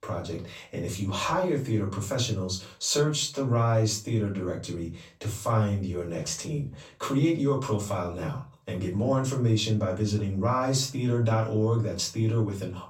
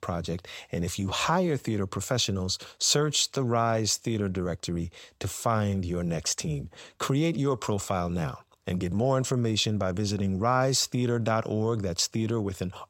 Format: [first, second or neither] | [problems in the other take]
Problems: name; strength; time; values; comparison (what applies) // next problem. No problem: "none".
second | off-mic speech; far // room echo; very slight; dies away in 0.3 s